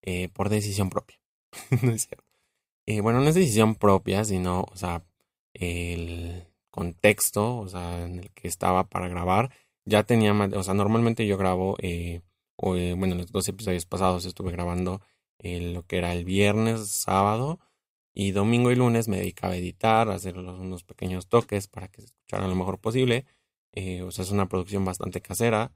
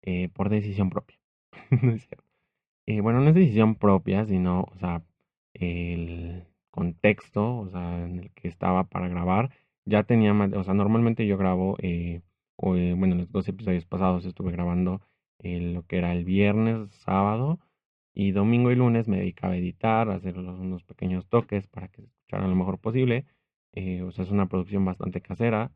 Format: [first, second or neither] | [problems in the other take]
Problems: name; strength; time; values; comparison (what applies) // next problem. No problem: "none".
first | muffled; very; fading above 2.5 kHz